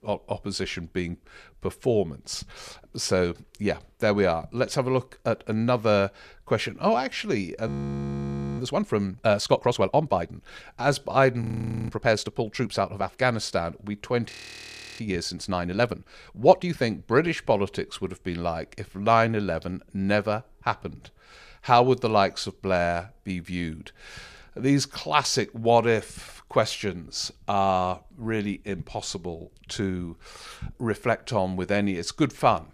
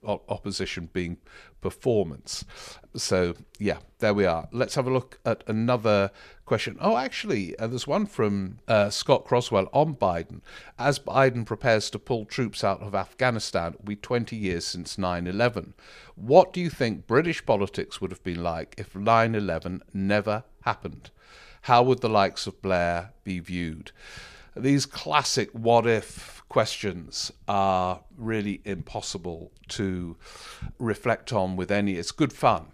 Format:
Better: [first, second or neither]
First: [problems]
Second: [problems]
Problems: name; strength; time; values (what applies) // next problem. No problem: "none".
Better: second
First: audio freezing; at 7.5 s for 1 s, at 11 s and at 14 s for 0.5 s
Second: none